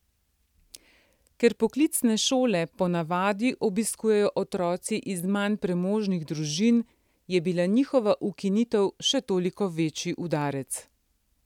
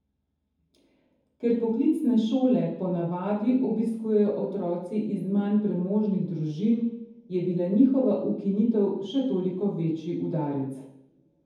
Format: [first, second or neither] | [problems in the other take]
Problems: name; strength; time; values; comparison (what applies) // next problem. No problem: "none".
first | room echo; dies away in 0.9 s